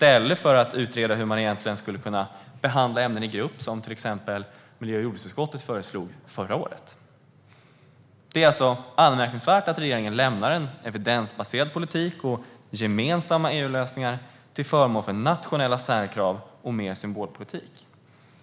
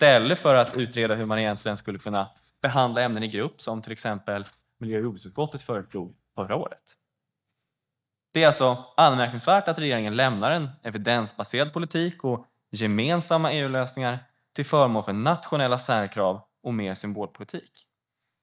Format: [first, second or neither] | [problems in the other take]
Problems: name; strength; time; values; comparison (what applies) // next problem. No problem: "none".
first | noise reduction (neural mask model DeepFilterNet 3)